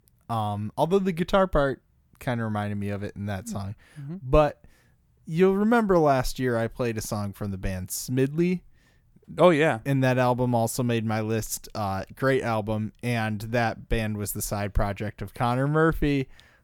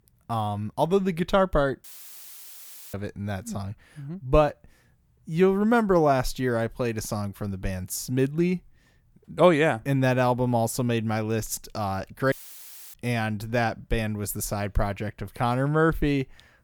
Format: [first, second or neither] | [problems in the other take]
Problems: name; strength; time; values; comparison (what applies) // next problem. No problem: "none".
first | audio cutting out; filled with static; at 2 s for 1 s and at 12 s for 0.5 s